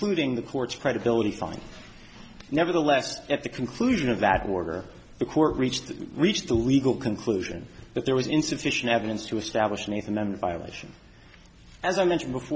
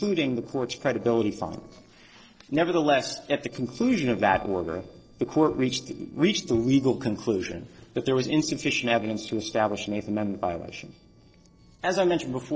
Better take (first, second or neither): first